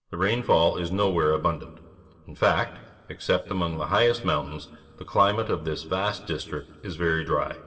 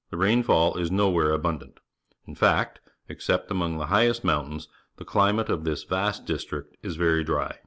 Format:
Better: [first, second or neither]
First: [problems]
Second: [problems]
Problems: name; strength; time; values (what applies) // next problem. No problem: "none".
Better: second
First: room echo; dies away in 2 s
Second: none